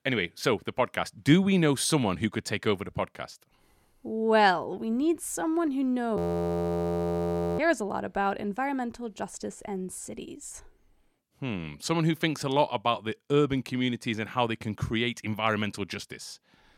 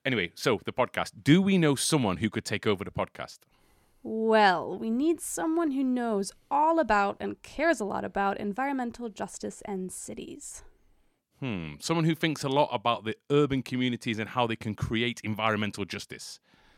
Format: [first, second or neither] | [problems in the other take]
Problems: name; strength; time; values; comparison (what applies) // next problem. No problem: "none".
second | audio freezing; at 6 s for 1.5 s